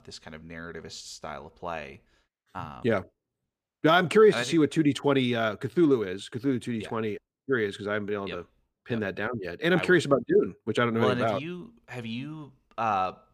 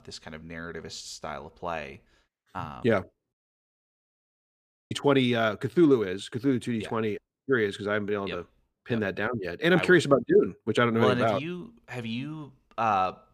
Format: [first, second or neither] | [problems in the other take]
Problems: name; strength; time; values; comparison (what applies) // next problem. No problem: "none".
first | audio cutting out; at 3.5 s for 1.5 s